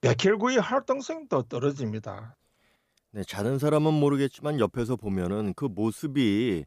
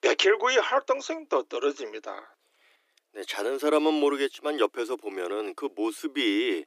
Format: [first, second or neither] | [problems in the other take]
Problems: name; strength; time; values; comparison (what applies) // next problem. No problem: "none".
first | thin; somewhat; fading below 300 Hz